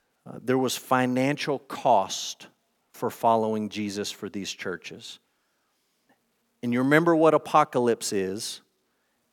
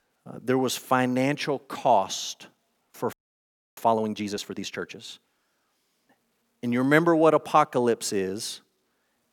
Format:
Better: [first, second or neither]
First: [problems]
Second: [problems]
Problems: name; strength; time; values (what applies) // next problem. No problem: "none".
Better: first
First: none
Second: audio freezing; at 3 s for 0.5 s